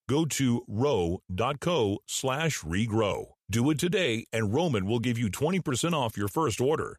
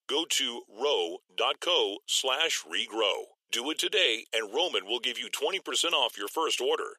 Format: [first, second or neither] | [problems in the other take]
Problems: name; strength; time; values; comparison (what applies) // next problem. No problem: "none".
first | thin; very; fading below 350 Hz